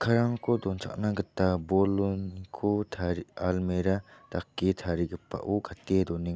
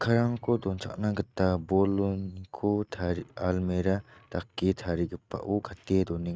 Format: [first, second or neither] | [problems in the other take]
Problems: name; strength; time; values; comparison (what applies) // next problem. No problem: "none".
first | noise reduction (neural mask model RNNoise)